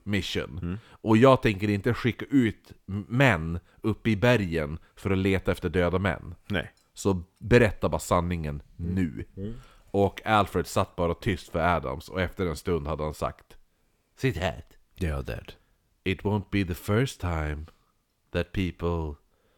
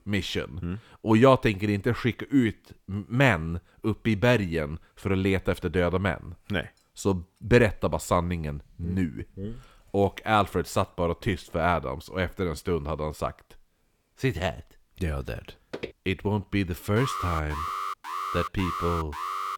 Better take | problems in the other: first | footsteps; faint; at 16 s; peak 10 dB below the speech // alarm; noticeable; from 17 s on; peak 4 dB below the speech

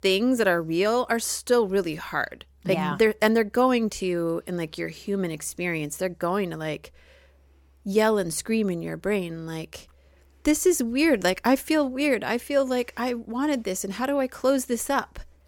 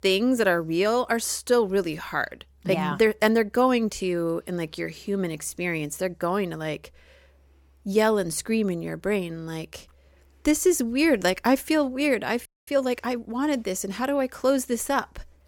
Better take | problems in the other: first | audio freezing; at 12 s

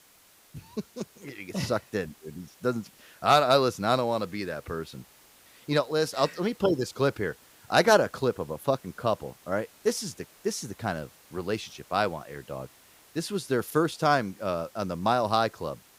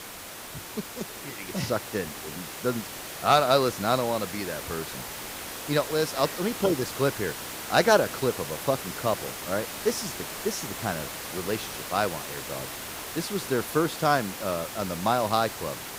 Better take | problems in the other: first | hiss; loud; throughout; 8 dB below the speech; faint in the first

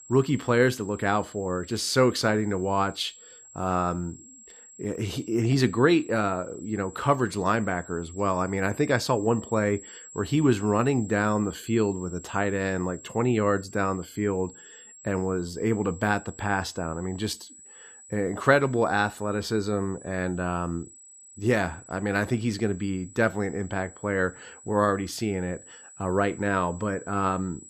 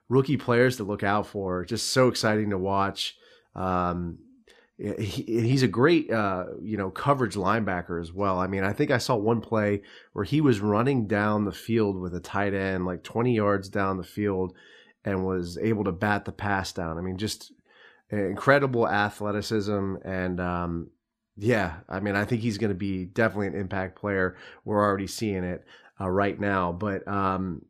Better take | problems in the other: second | high-pitched whine; noticeable; throughout; 7.5 kHz, 20 dB below the speech

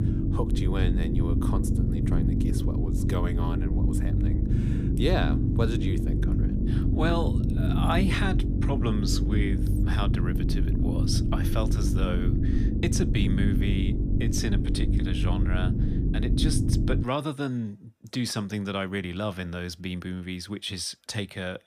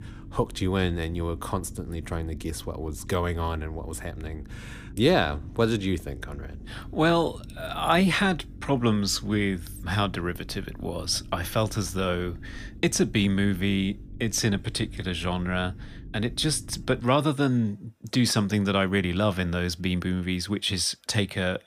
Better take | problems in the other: second | low rumble; loud; until 17 s; 2 dB below the speech; faint in the second

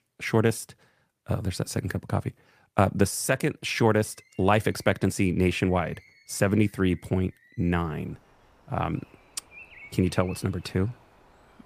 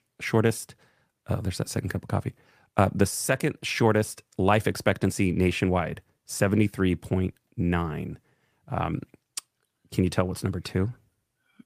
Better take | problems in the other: second | animal sounds; faint; from 4 s on; 25 dB below the speech

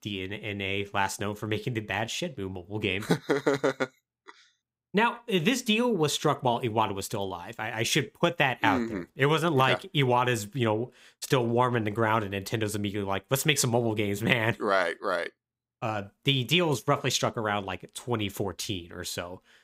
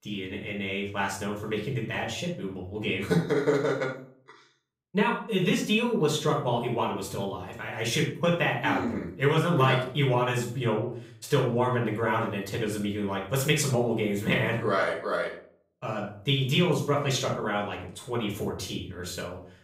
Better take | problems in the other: first | off-mic speech; far // room echo; noticeable; dies away in 0.5 s

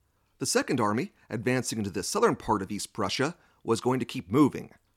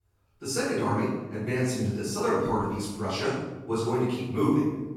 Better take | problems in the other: first | off-mic speech; far // room echo; strong; dies away in 1.1 s

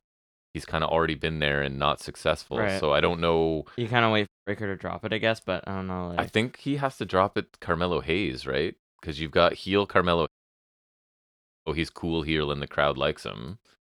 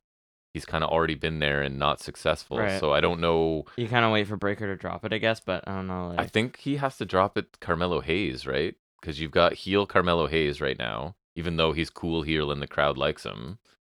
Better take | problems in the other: second | audio cutting out; at 4.5 s and at 10 s for 1.5 s

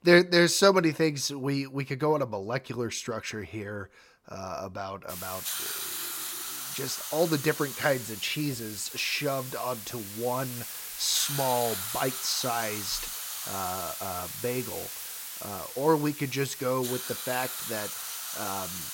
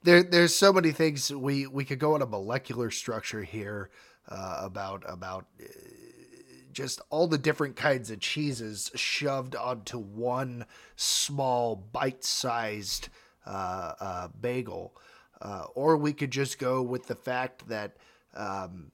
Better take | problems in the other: second | hiss; loud; from 5 s on; 5 dB below the speech

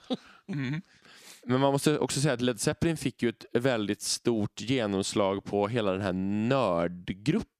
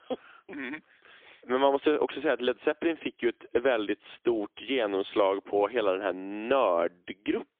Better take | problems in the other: first | phone-call audio; poor line; nothing above 3.5 kHz

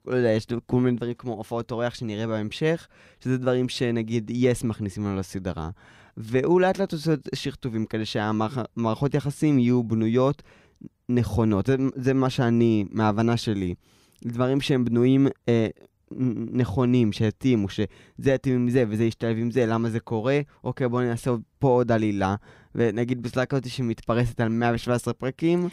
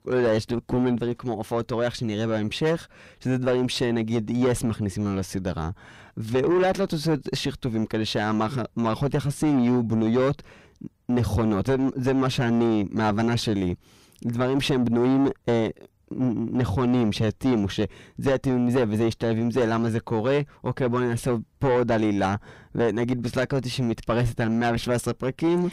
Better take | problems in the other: first | distortion; heavy; 6 dB below the speech

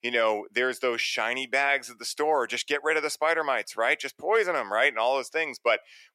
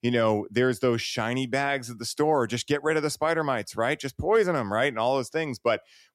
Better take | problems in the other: second | thin; somewhat; fading below 550 Hz

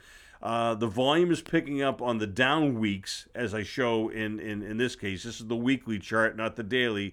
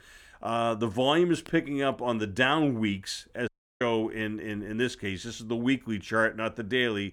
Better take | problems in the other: first | audio cutting out; at 3.5 s

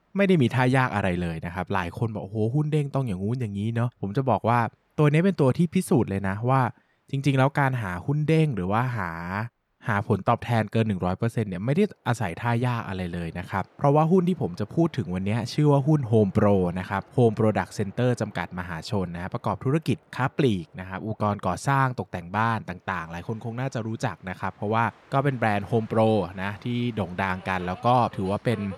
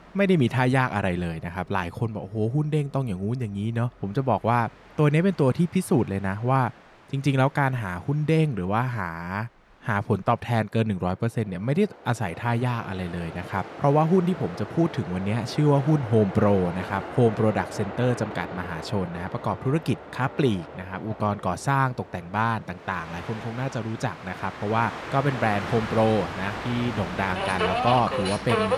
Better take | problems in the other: first | train or aircraft noise; loud; throughout; 9 dB below the speech; faint in the first

